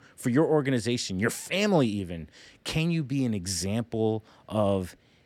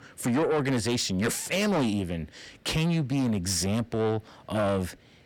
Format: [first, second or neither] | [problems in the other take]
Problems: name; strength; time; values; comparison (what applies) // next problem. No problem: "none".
first | distortion; heavy; 7 dB below the speech